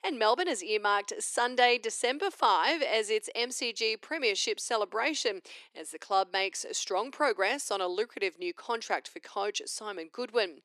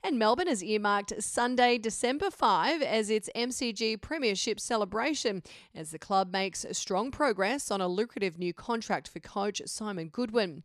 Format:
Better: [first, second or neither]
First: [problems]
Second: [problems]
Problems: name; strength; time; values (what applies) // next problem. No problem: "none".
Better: second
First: thin; somewhat; fading below 300 Hz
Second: none